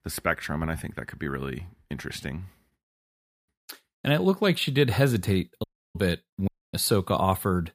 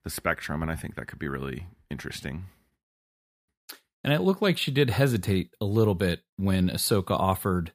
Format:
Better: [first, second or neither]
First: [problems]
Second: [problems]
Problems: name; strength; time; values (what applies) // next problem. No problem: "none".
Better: second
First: audio cutting out; at 5.5 s and at 6.5 s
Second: none